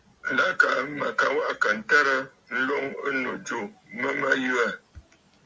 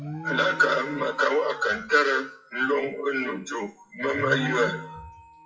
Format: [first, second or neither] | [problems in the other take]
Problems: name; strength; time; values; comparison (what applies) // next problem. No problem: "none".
first | noise reduction (classical method WPE with log-MMSE)